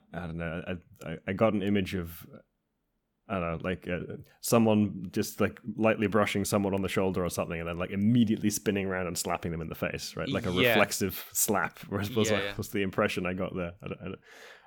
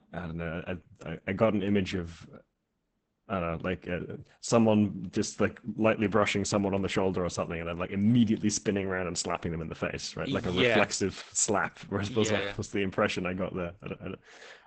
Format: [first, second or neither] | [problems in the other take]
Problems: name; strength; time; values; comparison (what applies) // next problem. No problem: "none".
first | garbled, watery; badly; nothing above 8 kHz